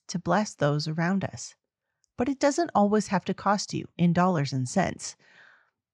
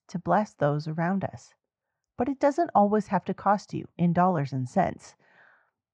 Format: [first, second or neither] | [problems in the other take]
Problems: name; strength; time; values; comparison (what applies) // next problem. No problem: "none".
first | muffled; very; fading above 2.5 kHz